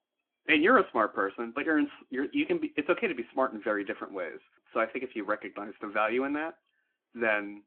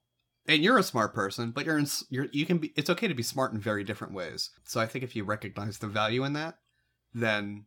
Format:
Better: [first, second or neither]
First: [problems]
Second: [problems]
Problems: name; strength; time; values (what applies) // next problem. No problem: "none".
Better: second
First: phone-call audio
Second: none